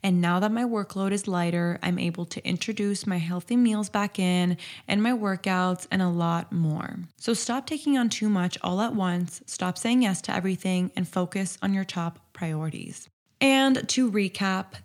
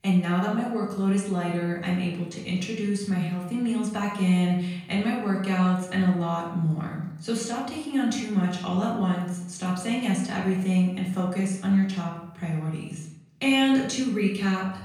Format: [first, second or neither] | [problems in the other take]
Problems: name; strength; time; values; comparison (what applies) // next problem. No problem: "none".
first | off-mic speech; far // room echo; noticeable; dies away in 0.7 s